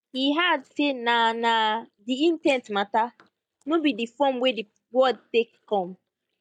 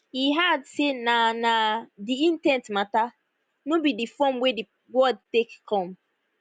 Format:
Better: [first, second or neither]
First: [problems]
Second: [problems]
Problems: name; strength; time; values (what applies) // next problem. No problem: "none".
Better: second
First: noise reduction (neural mask model DeepFilterNet 3)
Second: none